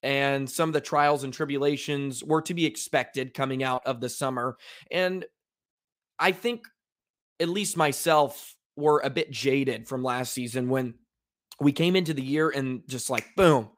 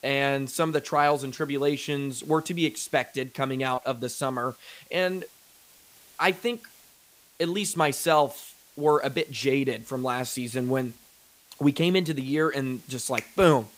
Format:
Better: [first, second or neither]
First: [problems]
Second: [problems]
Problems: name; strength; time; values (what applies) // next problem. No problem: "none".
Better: first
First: none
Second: hiss; faint; throughout; 25 dB below the speech